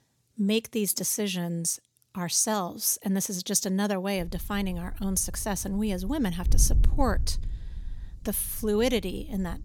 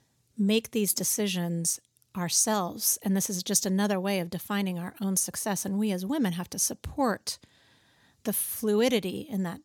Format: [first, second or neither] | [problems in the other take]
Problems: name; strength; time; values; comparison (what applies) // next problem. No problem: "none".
second | wind noise on the microphone; occasional gusts; from 4 s on; 25 dB below the speech